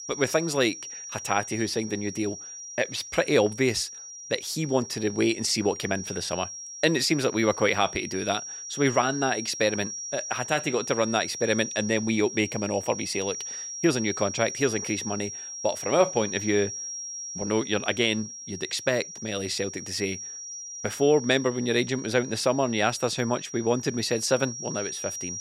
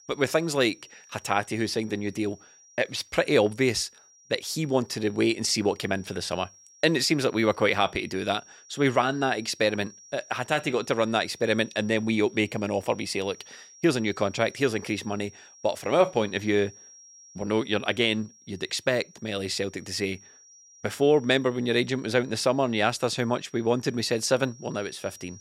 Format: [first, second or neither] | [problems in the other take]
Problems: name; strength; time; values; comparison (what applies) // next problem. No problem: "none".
second | high-pitched whine; loud; throughout; 5.5 kHz, 9 dB below the speech; faint in the second